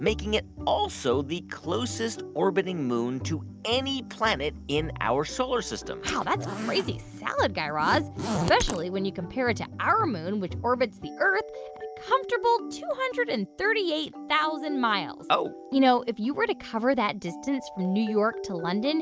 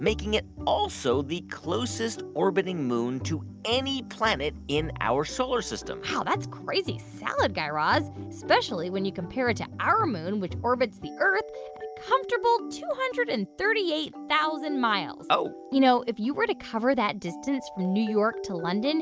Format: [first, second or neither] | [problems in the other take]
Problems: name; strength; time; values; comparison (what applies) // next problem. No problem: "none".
second | background sound (Zipper (clothing)); 7 dB below the speech